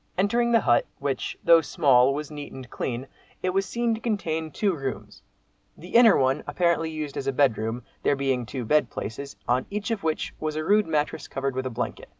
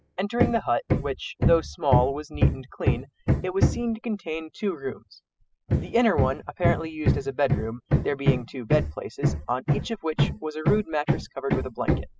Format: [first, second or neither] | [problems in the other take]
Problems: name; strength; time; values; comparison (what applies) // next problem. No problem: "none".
first | noise reduction (classical method spectral subtraction)